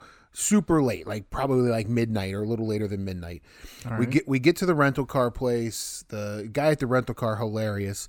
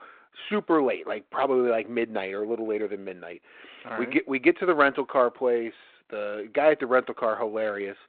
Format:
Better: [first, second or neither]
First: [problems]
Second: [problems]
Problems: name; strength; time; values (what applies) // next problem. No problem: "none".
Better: first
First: none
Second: phone-call audio; nothing above 4 kHz